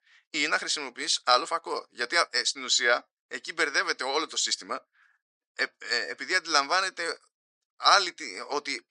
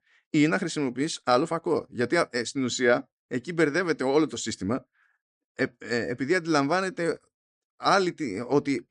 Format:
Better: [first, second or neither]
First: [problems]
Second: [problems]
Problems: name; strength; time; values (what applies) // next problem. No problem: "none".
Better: second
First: thin; very; fading below 800 Hz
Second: none